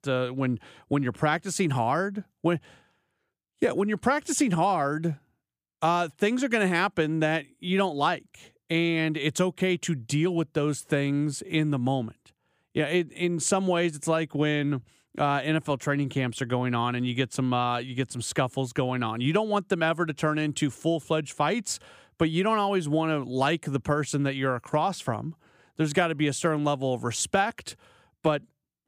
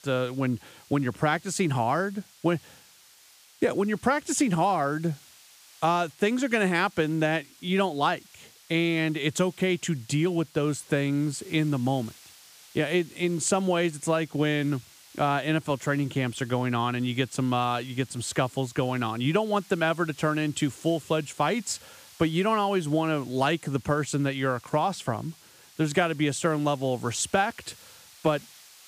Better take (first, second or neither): first